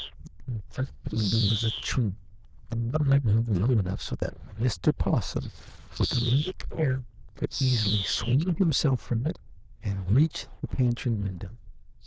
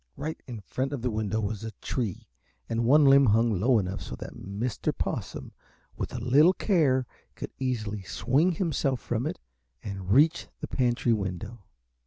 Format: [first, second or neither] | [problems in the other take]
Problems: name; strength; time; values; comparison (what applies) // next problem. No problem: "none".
second | noise reduction (neural diffusion model UNIVERSE++)